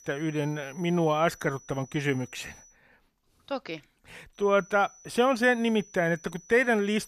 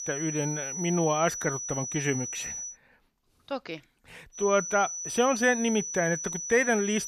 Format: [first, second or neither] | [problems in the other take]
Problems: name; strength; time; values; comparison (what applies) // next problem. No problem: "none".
first | high-pitched whine; loud; until 2.5 s and from 4.5 s on; 6 kHz, 5 dB below the speech; faint in the first